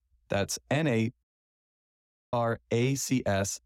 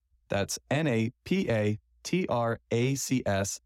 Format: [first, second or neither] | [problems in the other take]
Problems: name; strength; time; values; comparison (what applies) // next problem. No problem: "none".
second | audio cutting out; at 1 s for 1 s